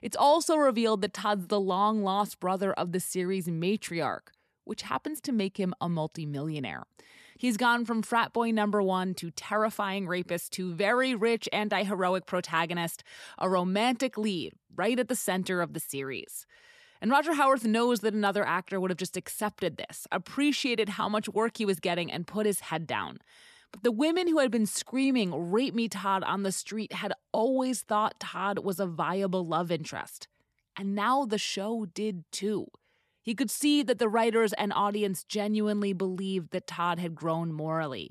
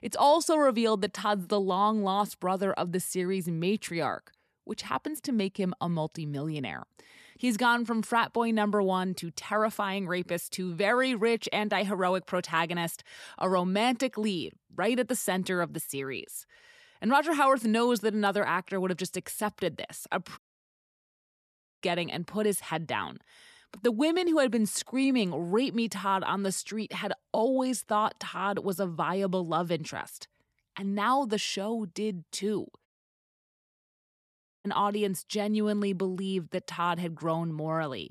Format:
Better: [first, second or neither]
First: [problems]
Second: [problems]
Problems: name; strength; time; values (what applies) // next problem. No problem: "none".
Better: first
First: none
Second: audio cutting out; at 20 s for 1.5 s and at 33 s for 2 s